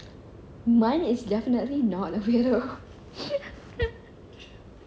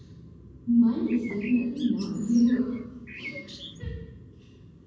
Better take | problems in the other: first | background sound (Bird); 17 dB below the speech // room echo; dies away in 1.2 s

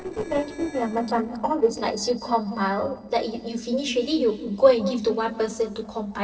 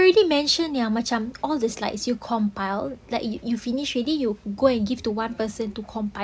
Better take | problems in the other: second | noise reduction (neural separator model SepFormer DNS4)

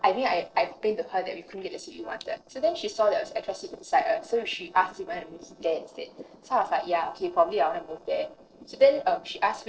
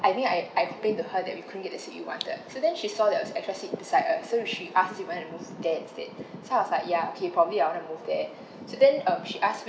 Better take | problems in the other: second | noise reduction (neural separator model SepFormer DNS4)

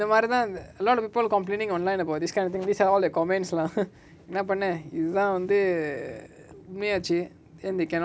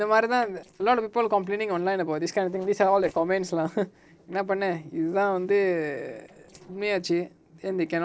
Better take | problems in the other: first | noise reduction (neural separator model SepFormer DNS4)

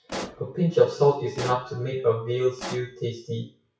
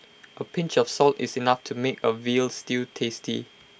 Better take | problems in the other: second | noise reduction (classical method WPE with log-MMSE)

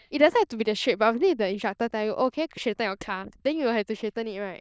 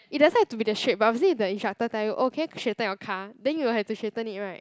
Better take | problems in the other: second | noise reduction (neural diffusion model UNIVERSE++)

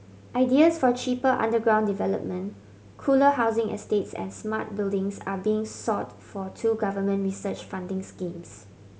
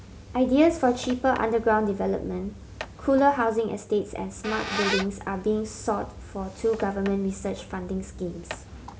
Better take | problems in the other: first | background sound (Squeak); 13 dB below the speech

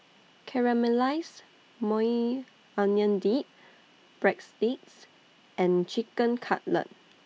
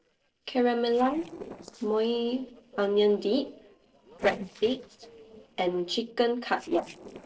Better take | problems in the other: first | noise reduction (neural separator model SepFormer DNS4)

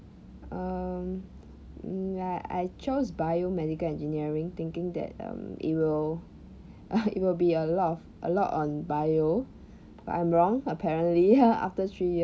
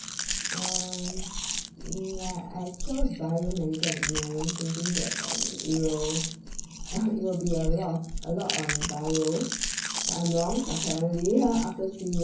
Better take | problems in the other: first | background sound (Chewing, mastication); 2 dB below the speech // room echo; dies away in 0.6 s

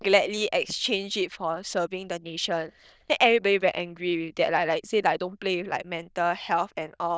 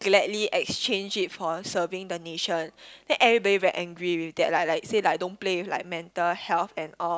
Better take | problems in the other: second | noise reduction (neural diffusion model UNIVERSE++)

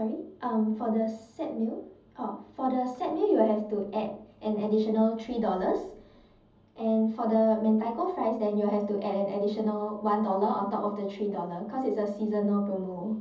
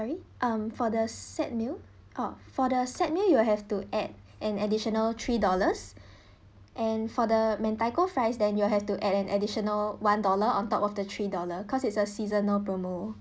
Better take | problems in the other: second | room echo; dies away in 0.7 s

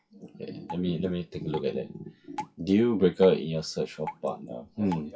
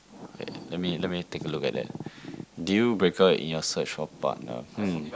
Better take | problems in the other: second | noise reduction (classical method WPE with log-MMSE)

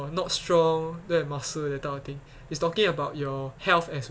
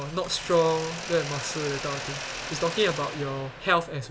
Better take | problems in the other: first | background sound (Mechanisms); 9 dB below the speech

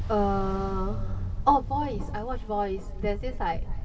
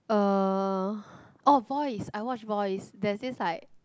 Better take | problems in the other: second | background sound (Ocean); 2 dB below the speech // room echo; dies away in 2.3 s

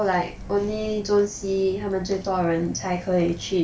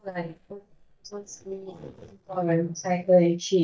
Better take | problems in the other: first | noise reduction (neural mask model DeepFilterNet 3)

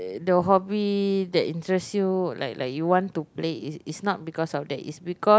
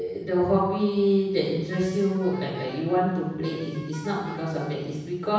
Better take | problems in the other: first | background sound (Wind instrument, woodwind instrument); 17 dB below the speech // room echo; dies away in 1.1 s

